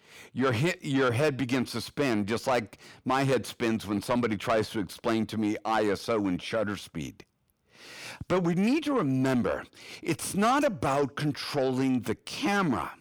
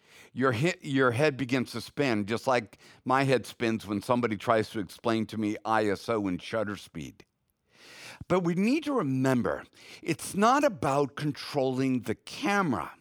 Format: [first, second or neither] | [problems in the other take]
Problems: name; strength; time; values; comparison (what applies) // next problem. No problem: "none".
second | distortion; slight; 10 dB below the speech